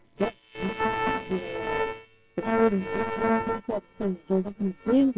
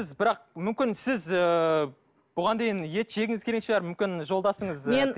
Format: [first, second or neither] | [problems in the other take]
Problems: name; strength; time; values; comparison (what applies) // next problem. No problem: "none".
second | noise reduction (neural separator model SepFormer WHAMR!)